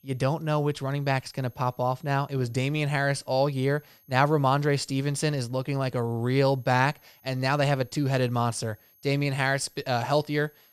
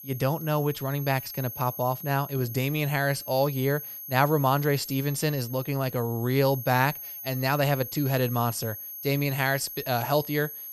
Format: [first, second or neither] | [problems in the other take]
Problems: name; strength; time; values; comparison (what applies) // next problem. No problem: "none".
first | high-pitched whine; loud; throughout; 11.5 kHz, 10 dB below the speech; faint in the first